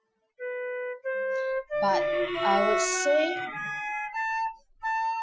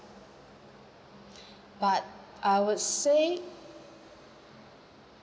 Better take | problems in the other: second | noise reduction (classical method Wiener filter)

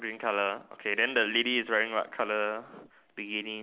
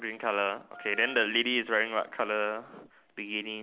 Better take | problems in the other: first | background sound (Wind instrument, woodwind instrument); 17 dB below the speech

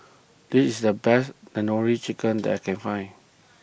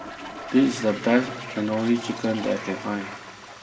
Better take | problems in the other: first | background sound (Toilet flush); 12 dB below the speech // room echo; dies away in 1.6 s

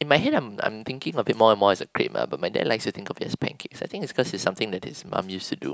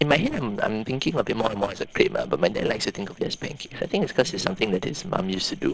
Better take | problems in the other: first | noise reduction (neural separator model SepFormer DNS4)

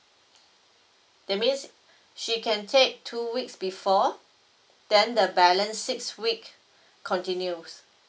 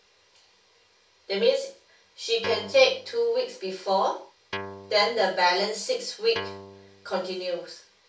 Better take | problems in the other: first | background sound (Guitar); 12 dB below the speech // room echo; dies away in 0.3 s

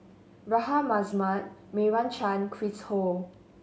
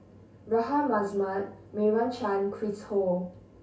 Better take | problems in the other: first | room echo; dies away in 0.2 s

